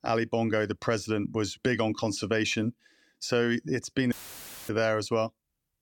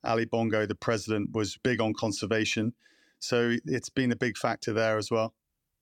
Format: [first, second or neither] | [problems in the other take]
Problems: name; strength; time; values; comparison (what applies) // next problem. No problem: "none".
second | audio cutting out; filled with static; at 4 s for 0.5 s